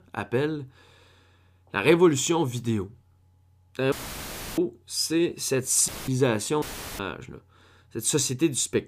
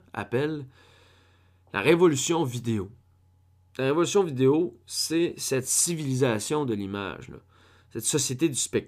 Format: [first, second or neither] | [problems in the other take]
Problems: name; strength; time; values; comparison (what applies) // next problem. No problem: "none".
second | audio cutting out; filled with static; at 4 s for 0.5 s, at 6 s and at 6.5 s